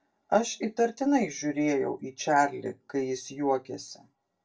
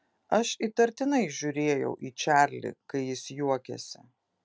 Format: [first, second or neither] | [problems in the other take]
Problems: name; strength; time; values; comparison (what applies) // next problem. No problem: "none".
second | room echo; dies away in 0.2 s